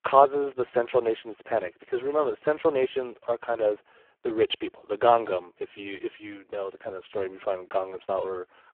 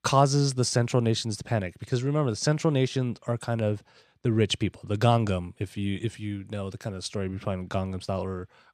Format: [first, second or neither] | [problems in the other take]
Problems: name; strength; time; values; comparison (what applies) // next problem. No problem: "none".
second | phone-call audio; poor line; nothing above 3 kHz